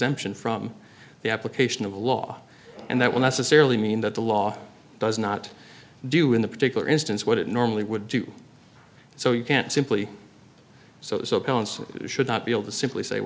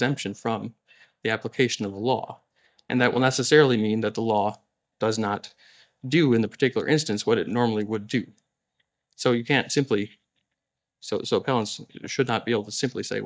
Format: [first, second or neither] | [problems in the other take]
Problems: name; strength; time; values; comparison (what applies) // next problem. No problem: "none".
first | noise reduction (neural mask model DeepFilterNet 3)